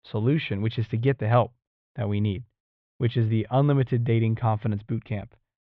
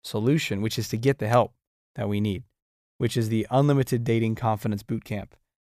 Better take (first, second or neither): second